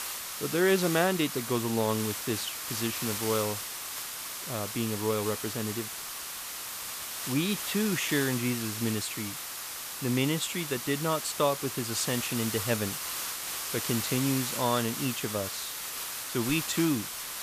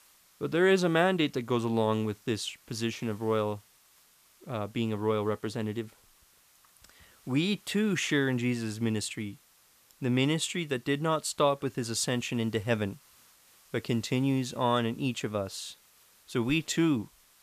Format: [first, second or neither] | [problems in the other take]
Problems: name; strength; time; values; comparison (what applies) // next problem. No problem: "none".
second | hiss; loud; throughout; 3 dB below the speech; faint in the second